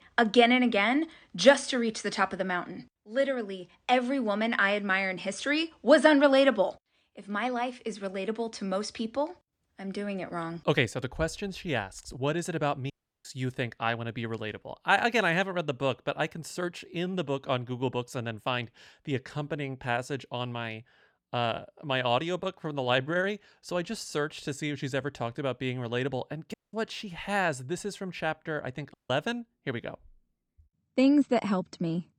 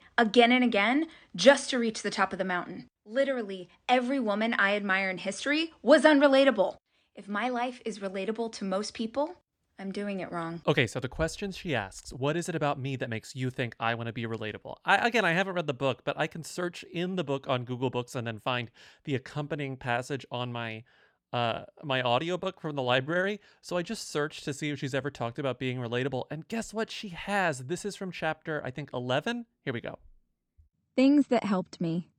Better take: second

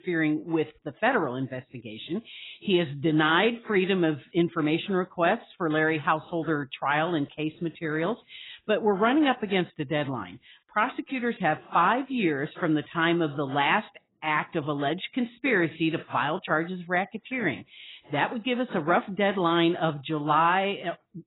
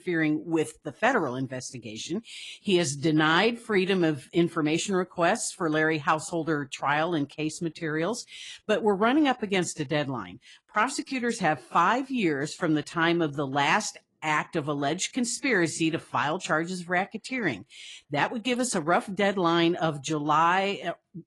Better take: second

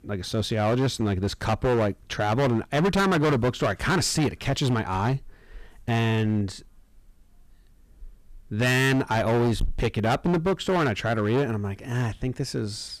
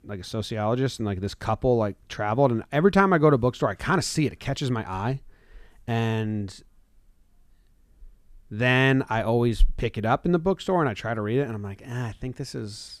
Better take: second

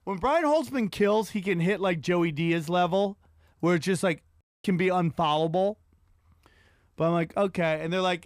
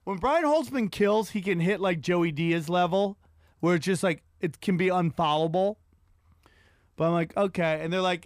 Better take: second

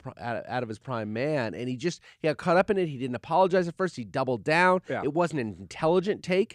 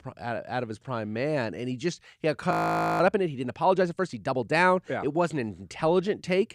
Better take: first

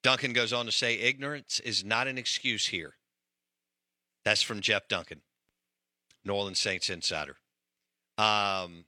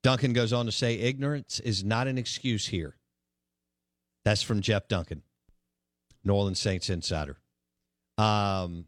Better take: second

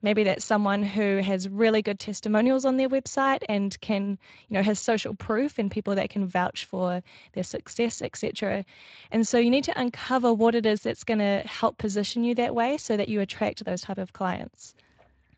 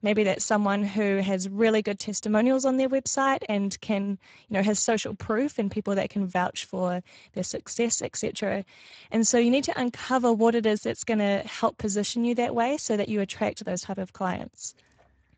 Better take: first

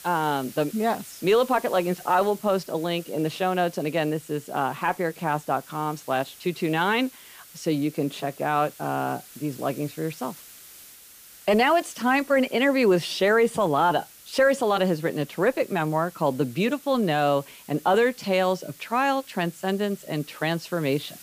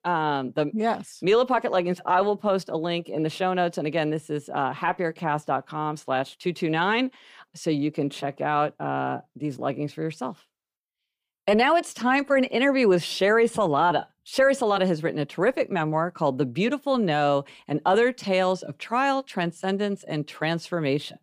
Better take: second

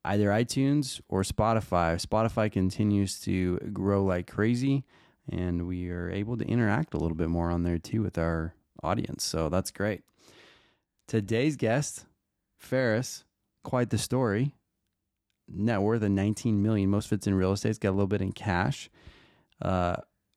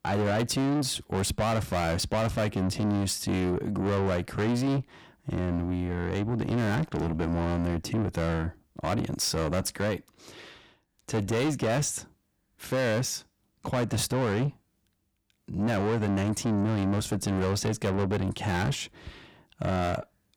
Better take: first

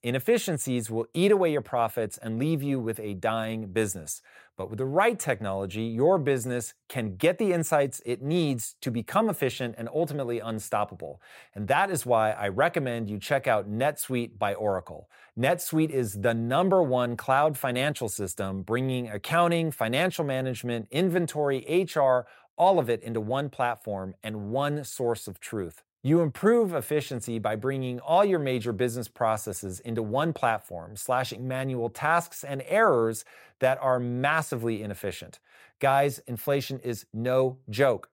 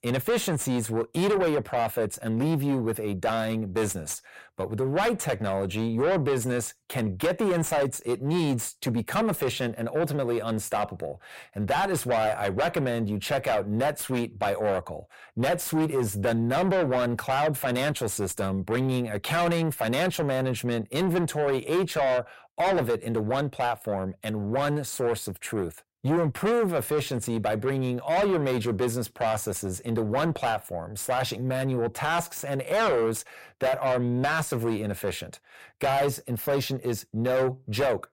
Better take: first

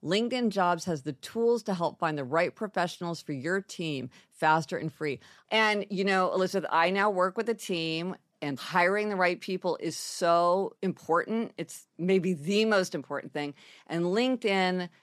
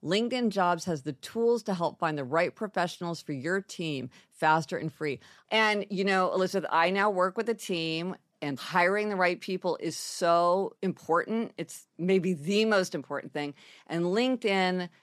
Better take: neither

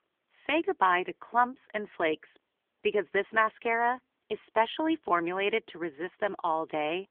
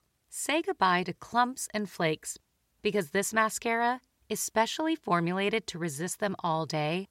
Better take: second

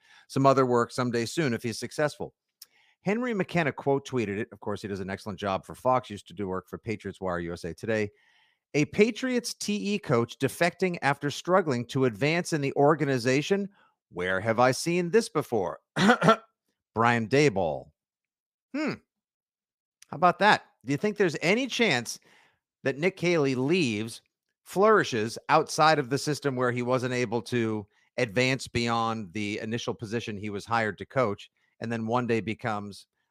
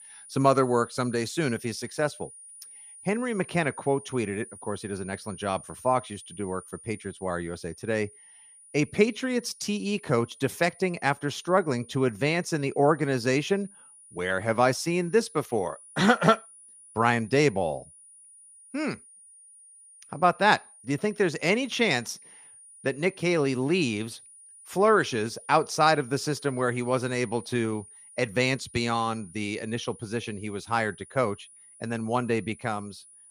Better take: first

